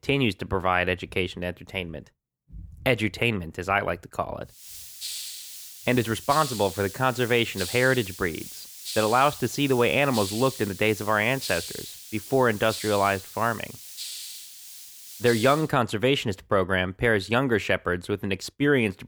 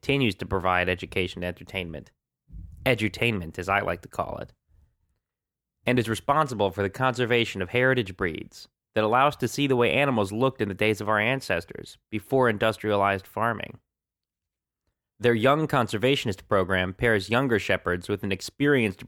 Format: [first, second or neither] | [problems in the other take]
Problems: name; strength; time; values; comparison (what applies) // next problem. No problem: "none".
second | hiss; noticeable; from 4.5 to 16 s; 10 dB below the speech